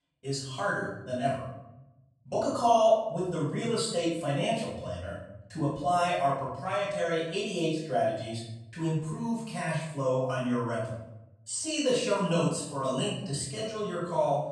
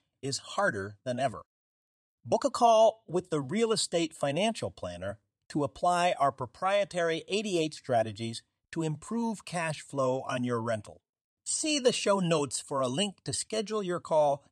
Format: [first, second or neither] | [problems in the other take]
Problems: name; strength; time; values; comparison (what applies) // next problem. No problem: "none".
second | room echo; noticeable; dies away in 0.8 s // off-mic speech; far